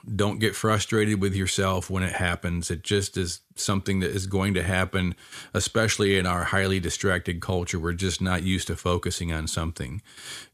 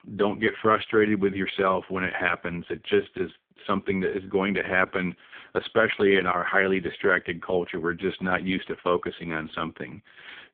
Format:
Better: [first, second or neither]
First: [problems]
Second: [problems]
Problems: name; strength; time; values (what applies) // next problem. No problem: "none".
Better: first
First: none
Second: phone-call audio; poor line